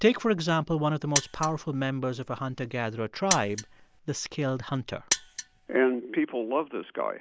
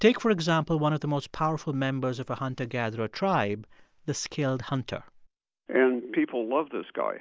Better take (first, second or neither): second